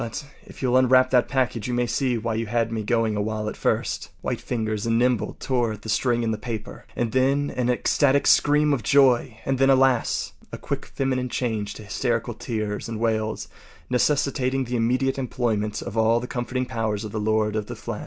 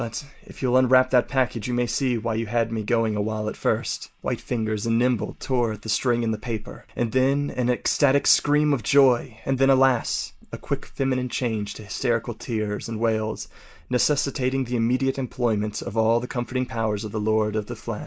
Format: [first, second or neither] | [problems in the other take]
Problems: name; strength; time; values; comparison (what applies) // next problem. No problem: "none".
first | noise reduction (neural mask model Resemble Enhance denoiser)